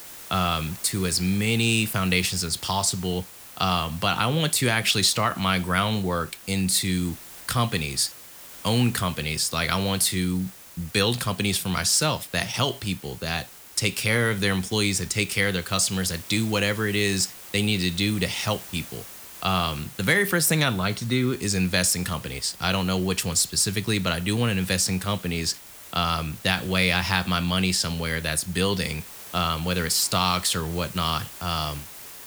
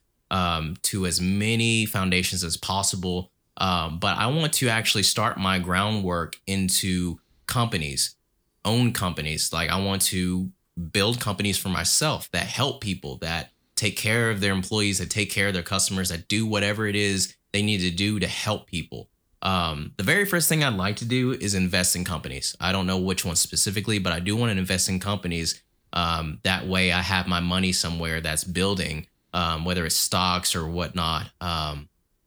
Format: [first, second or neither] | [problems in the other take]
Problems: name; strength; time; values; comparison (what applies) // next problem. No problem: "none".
second | hiss; noticeable; throughout; 15 dB below the speech